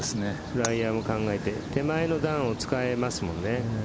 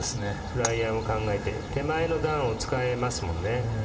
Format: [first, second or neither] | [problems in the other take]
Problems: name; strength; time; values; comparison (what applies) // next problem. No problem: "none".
first | room echo; dies away in 1.8 s